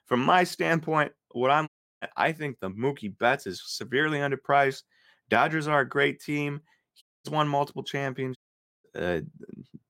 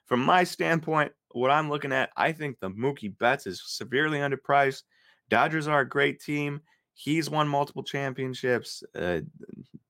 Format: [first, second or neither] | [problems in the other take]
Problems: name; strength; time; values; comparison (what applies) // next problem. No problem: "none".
second | audio cutting out; at 1.5 s, at 7 s and at 8.5 s